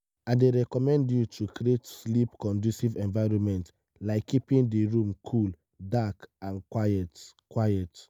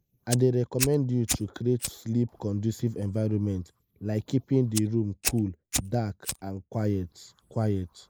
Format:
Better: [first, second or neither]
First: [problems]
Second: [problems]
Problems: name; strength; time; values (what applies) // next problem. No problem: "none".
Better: first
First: none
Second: noise reduction (neural mask model Resemble Enhance denoiser)